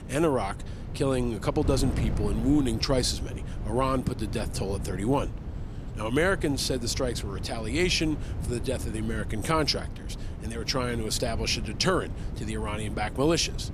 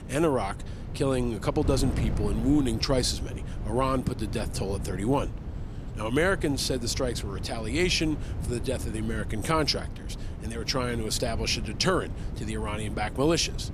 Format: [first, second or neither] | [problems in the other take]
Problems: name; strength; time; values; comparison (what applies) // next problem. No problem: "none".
neither | wind noise on the microphone; occasional gusts; 15 dB below the speech; the same in both